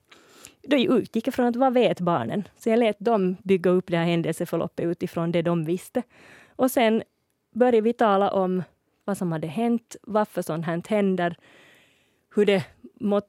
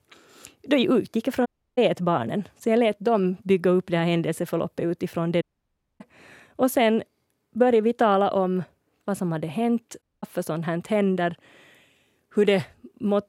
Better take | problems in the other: first | audio cutting out; at 1.5 s, at 5.5 s for 0.5 s and at 10 s

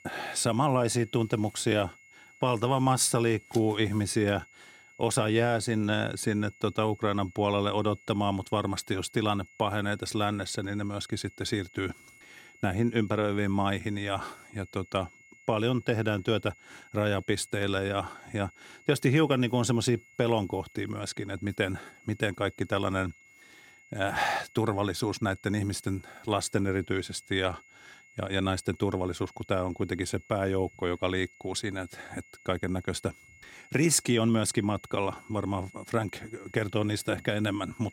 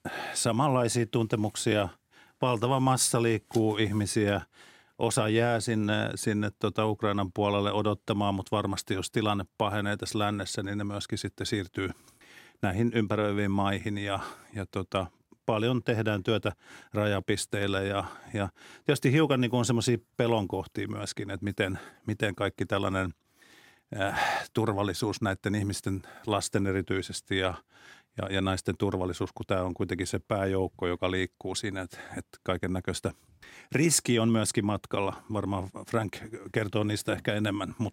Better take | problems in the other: second | high-pitched whine; faint; throughout; 2 kHz, 25 dB below the speech

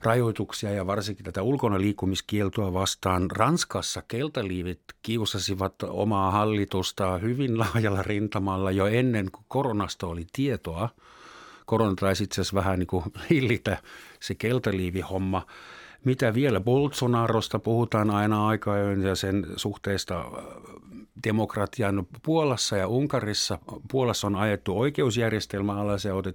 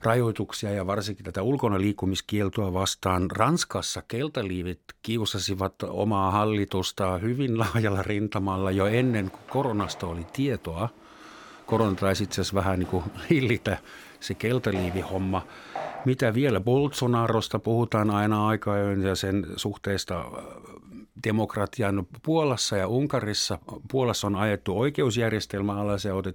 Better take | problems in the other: first | footsteps; noticeable; from 8.5 to 16 s; peak 9 dB below the speech

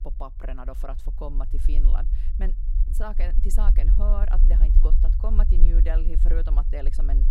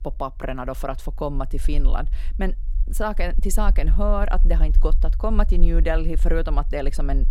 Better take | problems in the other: second | low rumble; loud; throughout; 8 dB below the speech; faint in the second

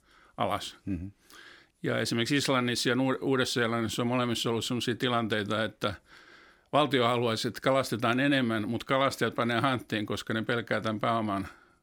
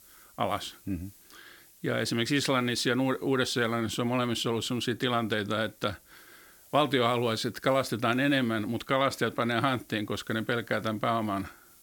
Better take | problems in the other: first | hiss; faint; throughout; 25 dB below the speech

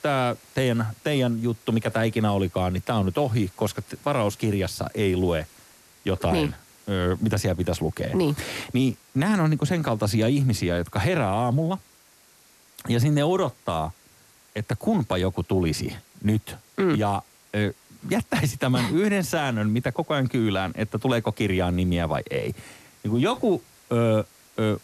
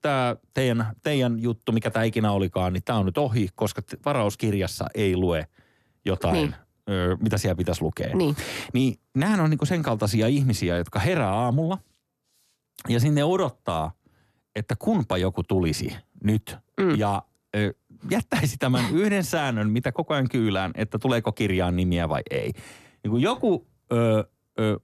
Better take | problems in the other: second | hiss; faint; throughout; 25 dB below the speech

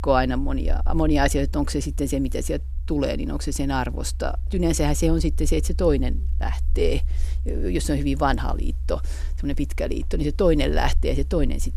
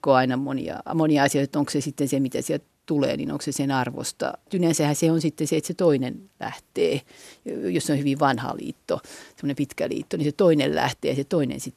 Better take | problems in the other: second | low rumble; faint; throughout; 25 dB below the speech

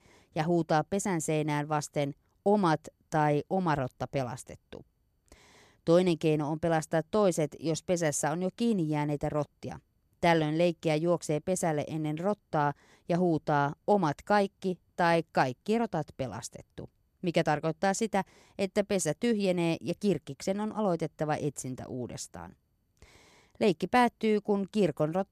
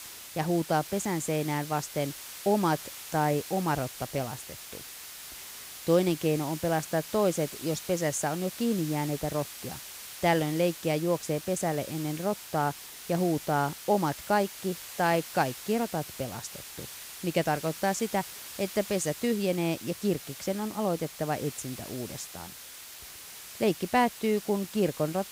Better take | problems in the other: first | hiss; noticeable; throughout; 10 dB below the speech

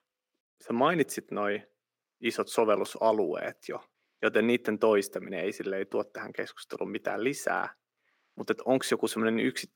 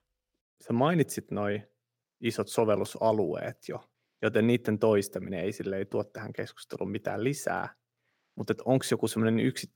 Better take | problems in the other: second | thin; very slightly; fading below 300 Hz

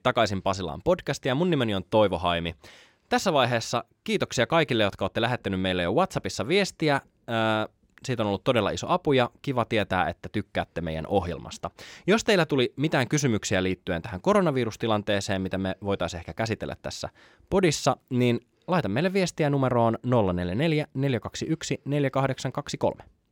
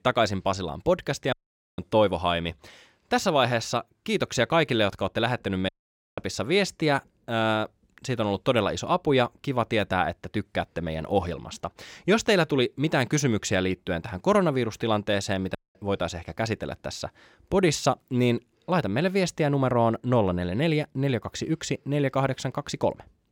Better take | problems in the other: first | audio cutting out; at 1.5 s, at 5.5 s and at 16 s

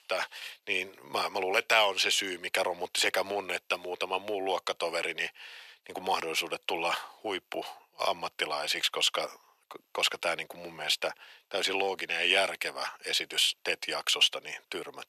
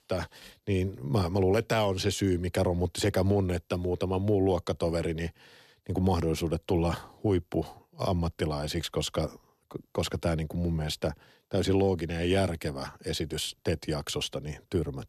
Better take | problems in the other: second | thin; very; fading below 850 Hz

